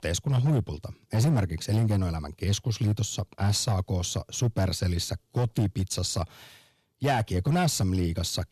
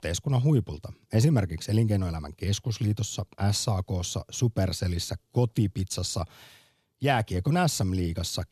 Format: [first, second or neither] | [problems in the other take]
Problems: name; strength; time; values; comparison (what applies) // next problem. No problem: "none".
second | distortion; slight; 5% of the sound clipped